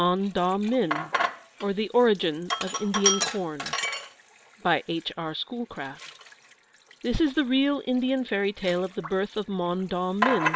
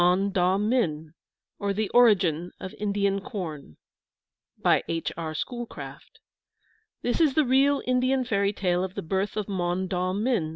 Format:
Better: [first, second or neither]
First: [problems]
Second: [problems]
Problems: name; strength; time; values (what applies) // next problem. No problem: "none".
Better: second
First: background sound (Sink (filling or washing)); 6 dB below the speech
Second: none